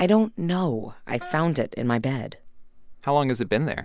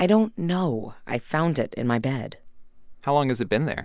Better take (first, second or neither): second